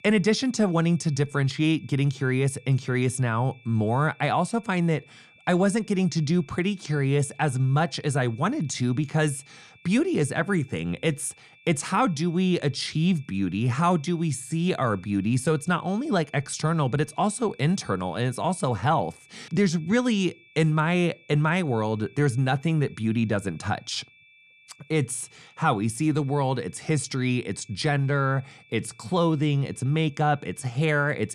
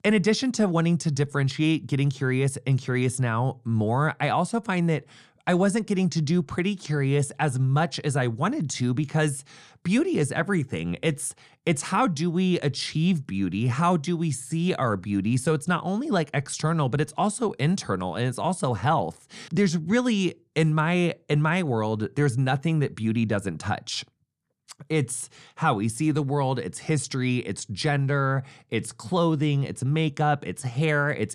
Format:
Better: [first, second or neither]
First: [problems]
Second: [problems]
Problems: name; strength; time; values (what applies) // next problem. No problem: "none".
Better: second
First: high-pitched whine; faint; throughout; 2.5 kHz, 30 dB below the speech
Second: none